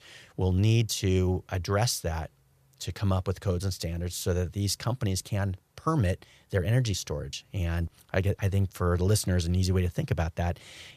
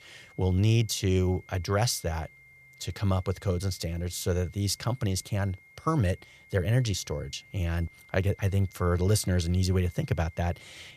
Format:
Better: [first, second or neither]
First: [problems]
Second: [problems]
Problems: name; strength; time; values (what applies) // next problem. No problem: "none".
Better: first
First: none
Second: high-pitched whine; faint; throughout; 2 kHz, 25 dB below the speech